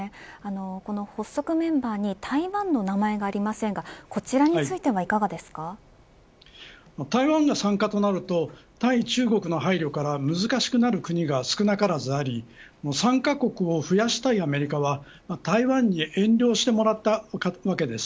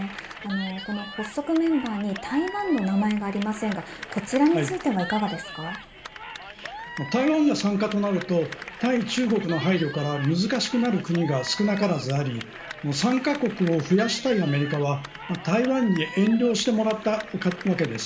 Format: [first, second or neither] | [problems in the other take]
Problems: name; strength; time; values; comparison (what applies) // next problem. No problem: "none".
first | background sound (Cheering / Clapping); 14 dB below the speech // room echo; dies away in 1.9 s